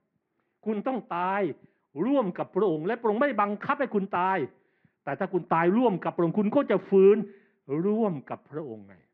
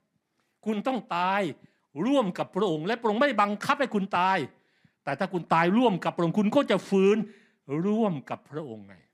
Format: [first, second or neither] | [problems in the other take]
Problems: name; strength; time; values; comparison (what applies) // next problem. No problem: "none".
second | muffled; very; fading above 2 kHz